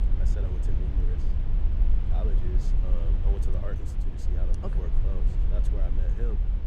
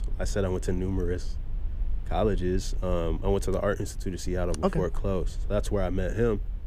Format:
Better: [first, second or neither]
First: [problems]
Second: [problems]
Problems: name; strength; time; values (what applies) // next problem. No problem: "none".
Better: second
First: low rumble; loud; throughout; 1 dB below the speech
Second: low rumble; faint; throughout; 25 dB below the speech